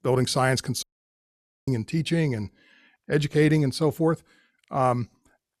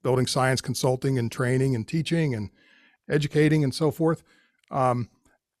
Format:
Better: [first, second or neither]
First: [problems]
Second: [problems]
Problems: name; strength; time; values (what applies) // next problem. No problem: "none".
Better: second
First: audio cutting out; at 1 s for 1 s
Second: none